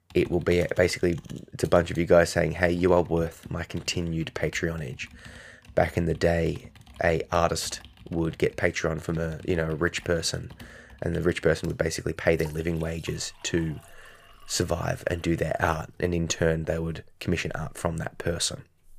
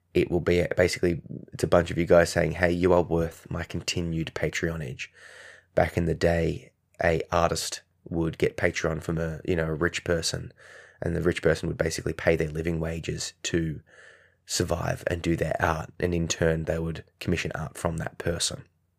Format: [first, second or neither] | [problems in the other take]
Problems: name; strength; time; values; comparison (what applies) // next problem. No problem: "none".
second | household noises; faint; throughout; 25 dB below the speech